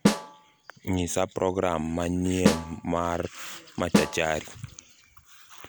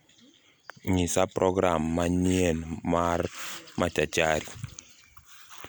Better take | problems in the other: second | background sound (Snare drum); 1 dB below the speech

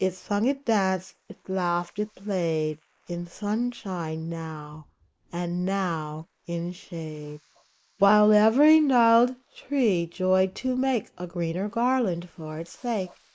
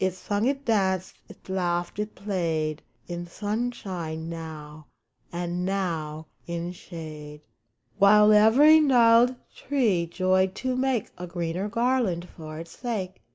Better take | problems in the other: second | noise reduction (neural mask model Resemble Enhance denoiser)

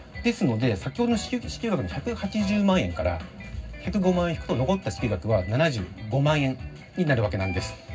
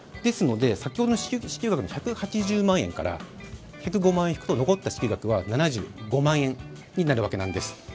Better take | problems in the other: second | room echo; dies away in 0.4 s

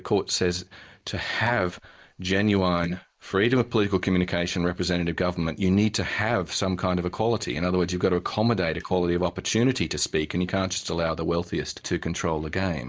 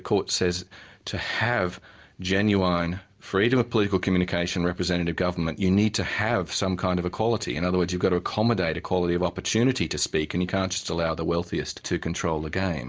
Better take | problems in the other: second | noise reduction (neural mask model Resemble Enhance denoiser)

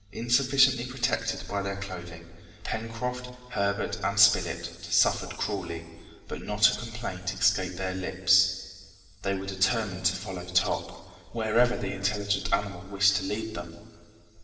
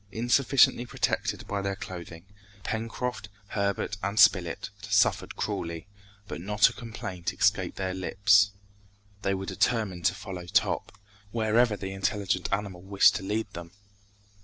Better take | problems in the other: second | room echo; dies away in 2 s

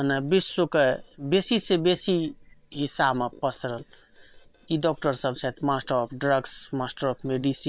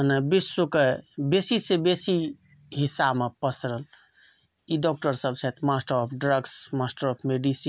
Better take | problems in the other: second | noise reduction (neural separator model SepFormer WHAM!)

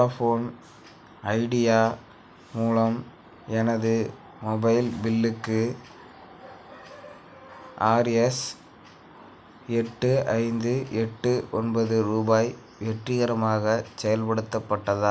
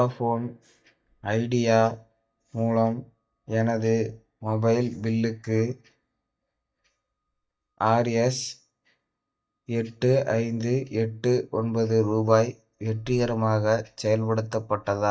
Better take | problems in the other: first | noise reduction (neural mask model DeepFilterNet 3)

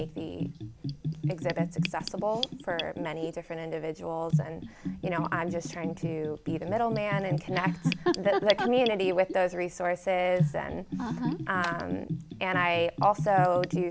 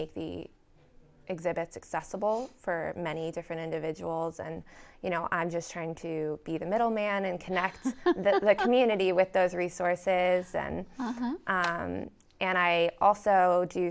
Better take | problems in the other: second | background sound (Bathtub (filling or washing) / Gurgling); 5 dB below the speech

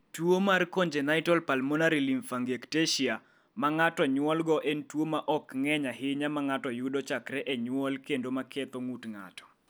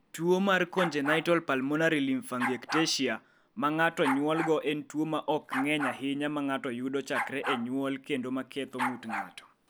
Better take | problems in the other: first | background sound (Bark); 9 dB below the speech

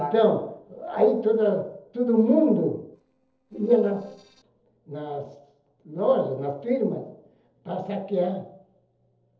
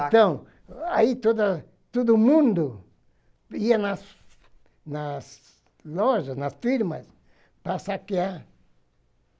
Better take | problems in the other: second | noise reduction (neural separator model SepFormer DNS4)

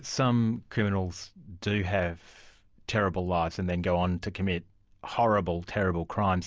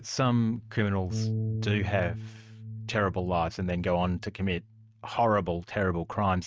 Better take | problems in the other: first | noise reduction (neural mask model RNNoise)

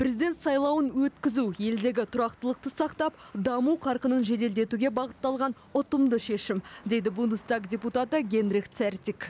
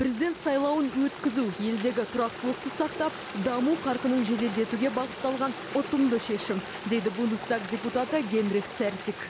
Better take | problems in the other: first | background sound (Stream); 11 dB below the speech

